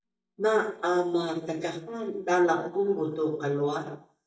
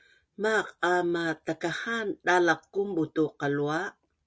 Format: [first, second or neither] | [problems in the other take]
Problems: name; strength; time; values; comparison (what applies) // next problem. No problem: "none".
second | noise reduction (neural mask model DeepFilterNet 3)